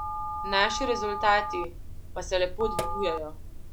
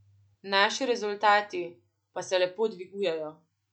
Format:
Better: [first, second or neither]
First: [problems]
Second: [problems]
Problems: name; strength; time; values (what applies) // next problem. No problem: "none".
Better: second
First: background sound (Sink (filling or washing) + Telephone); 4 dB below the speech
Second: none